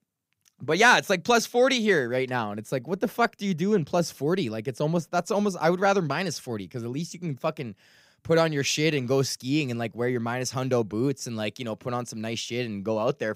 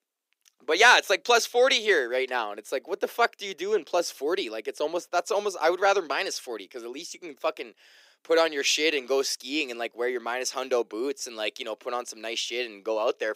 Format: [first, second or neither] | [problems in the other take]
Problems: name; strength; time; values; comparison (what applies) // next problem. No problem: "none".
first | thin; very; fading below 350 Hz